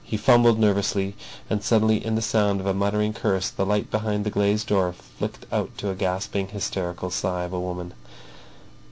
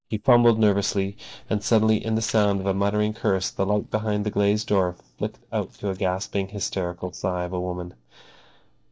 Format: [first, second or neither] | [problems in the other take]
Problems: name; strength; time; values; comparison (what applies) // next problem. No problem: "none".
first | noise reduction (neural mask model DeepFilterNet 3)